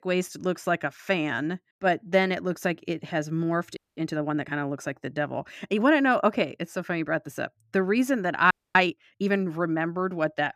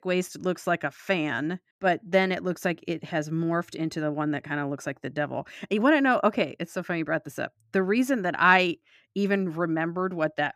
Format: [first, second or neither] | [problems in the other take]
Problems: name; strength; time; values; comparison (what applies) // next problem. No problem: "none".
second | audio freezing; at 4 s and at 8.5 s